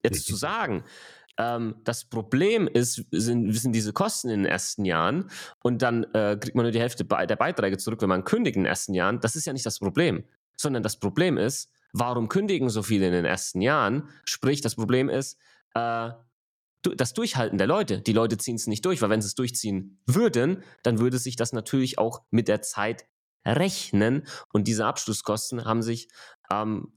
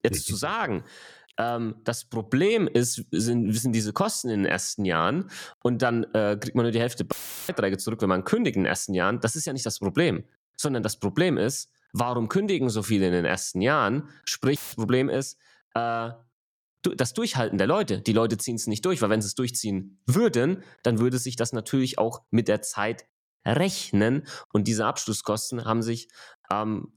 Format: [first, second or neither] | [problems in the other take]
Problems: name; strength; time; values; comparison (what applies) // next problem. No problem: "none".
first | audio cutting out; filled with static; at 7 s and at 15 s